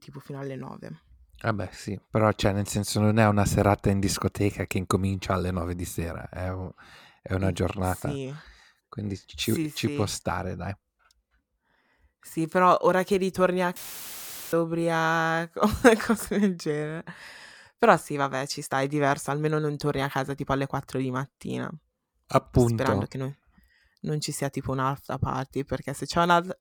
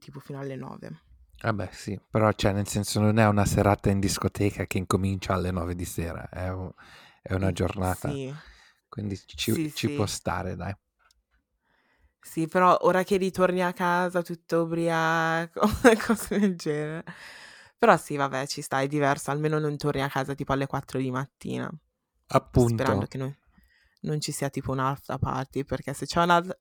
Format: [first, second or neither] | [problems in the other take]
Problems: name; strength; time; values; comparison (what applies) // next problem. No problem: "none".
second | audio cutting out; filled with static; at 14 s for 1 s